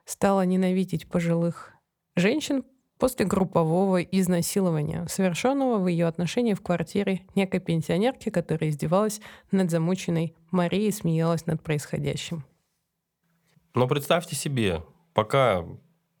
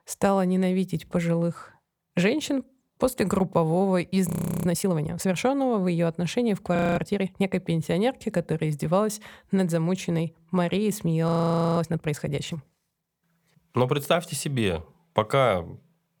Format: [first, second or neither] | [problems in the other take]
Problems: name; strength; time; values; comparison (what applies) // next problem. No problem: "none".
first | audio freezing; at 4.5 s, at 7 s and at 11 s